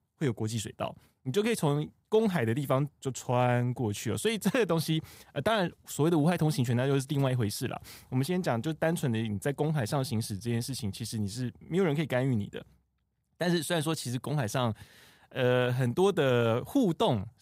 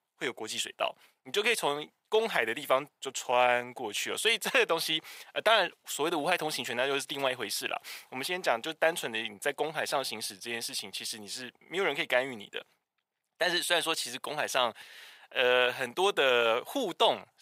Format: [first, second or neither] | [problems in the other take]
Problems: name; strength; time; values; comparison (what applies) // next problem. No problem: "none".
first | thin; very; fading below 600 Hz